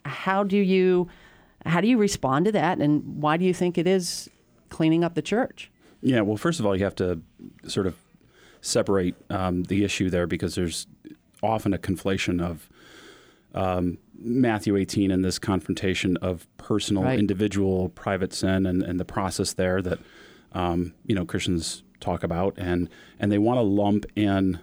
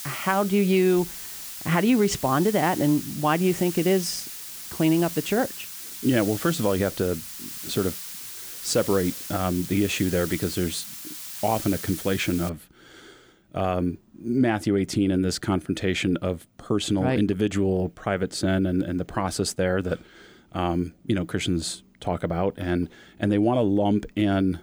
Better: first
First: none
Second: hiss; loud; until 12 s; 9 dB below the speech

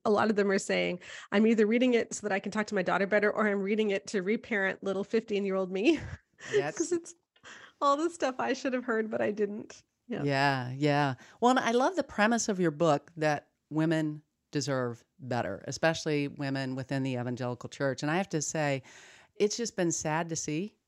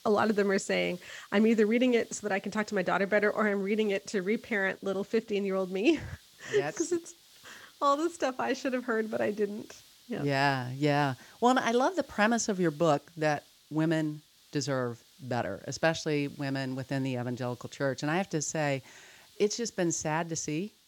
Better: first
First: none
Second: hiss; faint; throughout; 25 dB below the speech

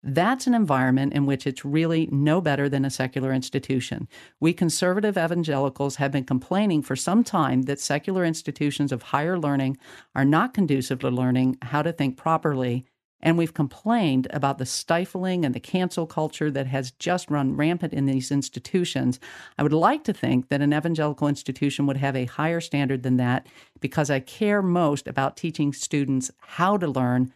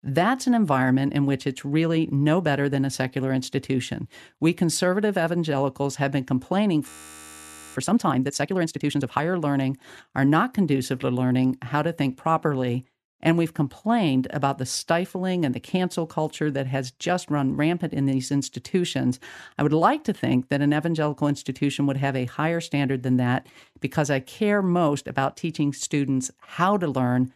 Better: first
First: none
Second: audio freezing; at 7 s for 1 s

